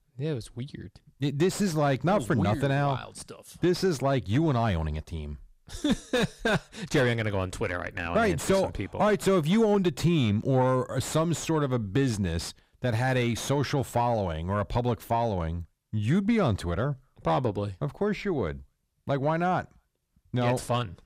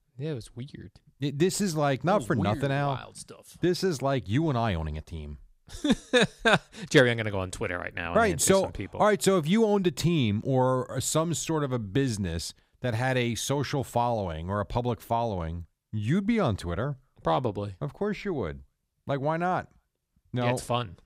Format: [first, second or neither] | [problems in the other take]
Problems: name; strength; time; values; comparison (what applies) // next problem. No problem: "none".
second | distortion; slight; 10 dB below the speech